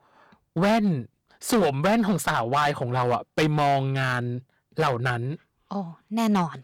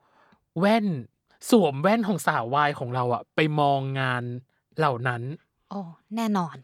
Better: second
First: distortion; heavy; 7% of the sound clipped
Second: none

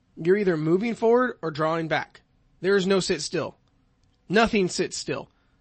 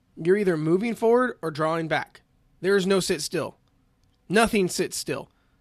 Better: second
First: garbled, watery; slightly; nothing above 8 kHz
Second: none

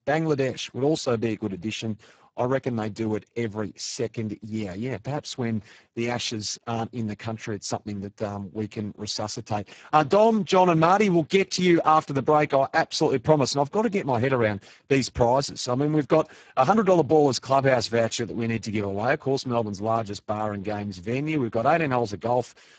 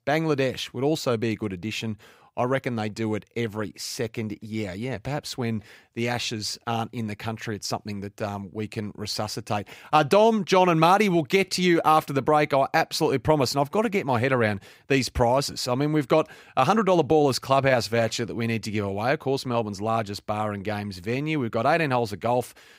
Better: second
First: garbled, watery; badly; nothing above 7.5 kHz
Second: none

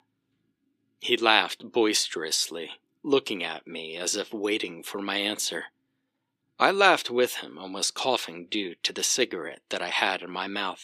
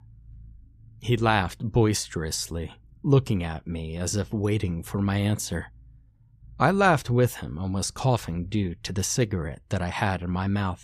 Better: second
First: thin; somewhat; fading below 300 Hz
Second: none

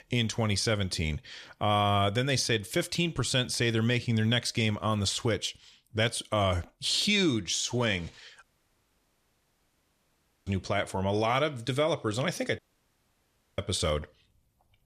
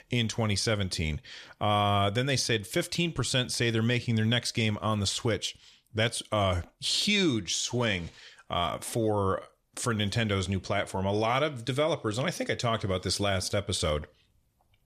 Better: second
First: audio cutting out; at 8.5 s for 2 s and at 13 s for 1 s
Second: none

